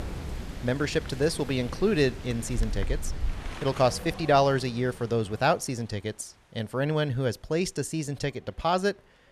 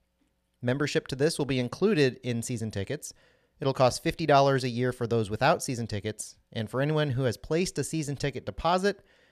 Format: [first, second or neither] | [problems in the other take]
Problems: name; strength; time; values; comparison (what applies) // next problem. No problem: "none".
second | wind in the background; noticeable; throughout; 10 dB below the speech